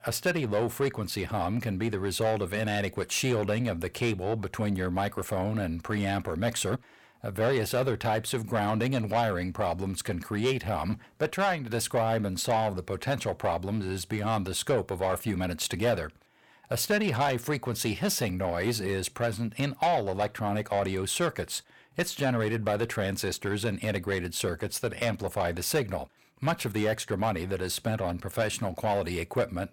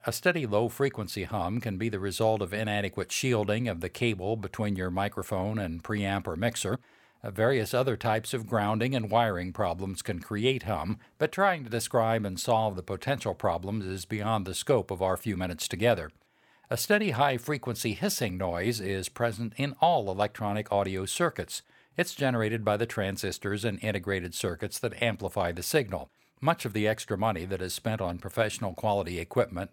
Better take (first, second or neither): second